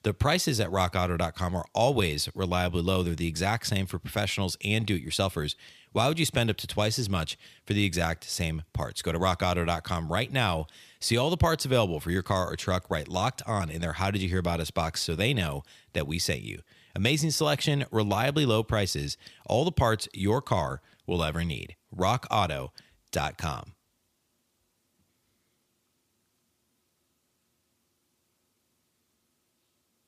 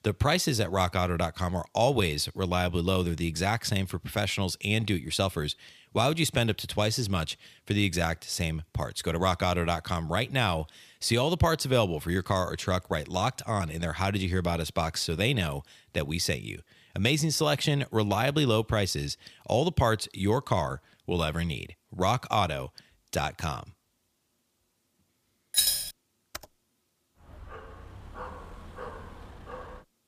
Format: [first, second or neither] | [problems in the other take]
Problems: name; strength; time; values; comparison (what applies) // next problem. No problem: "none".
first | jangling keys; loud; at 26 s; peak 5 dB above the speech // keyboard typing; faint; at 26 s; peak 15 dB below the speech // dog barking; faint; from 27 s on; peak 15 dB below the speech